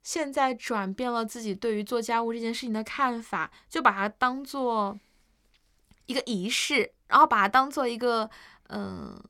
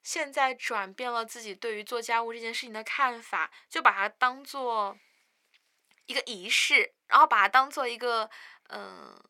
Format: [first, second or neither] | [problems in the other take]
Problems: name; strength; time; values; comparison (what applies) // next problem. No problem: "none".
first | thin; somewhat; fading below 500 Hz